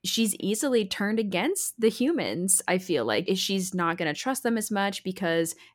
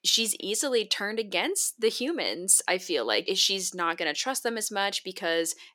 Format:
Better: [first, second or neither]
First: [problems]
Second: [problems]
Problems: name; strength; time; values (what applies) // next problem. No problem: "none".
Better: first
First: none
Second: thin; somewhat; fading below 400 Hz